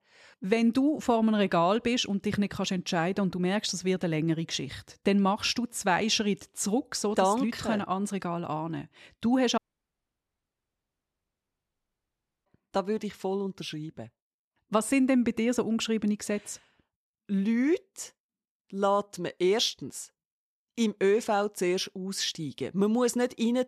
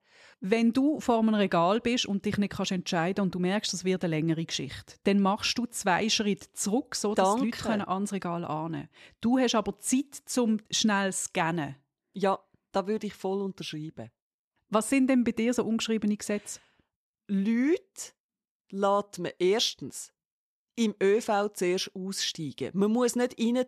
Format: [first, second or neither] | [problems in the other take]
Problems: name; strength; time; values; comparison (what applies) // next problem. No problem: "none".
second | audio cutting out; at 9.5 s for 3 s